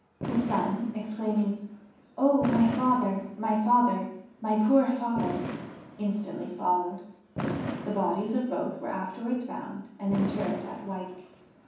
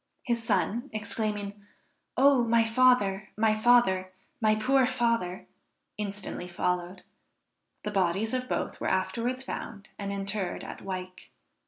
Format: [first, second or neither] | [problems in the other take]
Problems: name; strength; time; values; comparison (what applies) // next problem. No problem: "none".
second | background sound (Fireworks); 10 dB below the speech // room echo; dies away in 1.2 s